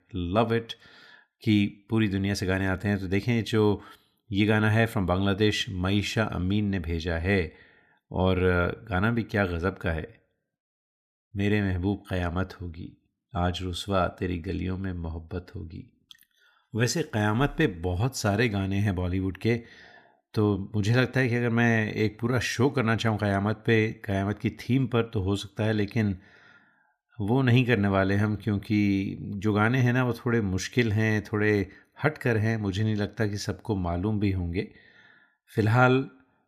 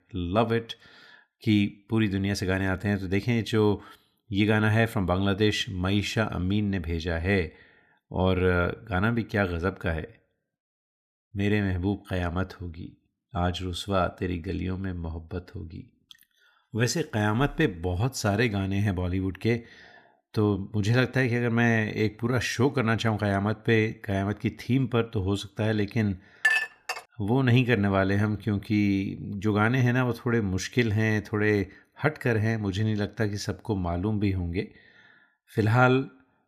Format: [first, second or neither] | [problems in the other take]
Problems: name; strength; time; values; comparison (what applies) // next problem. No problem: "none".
first | clattering dishes; loud; at 26 s; peak 3 dB above the speech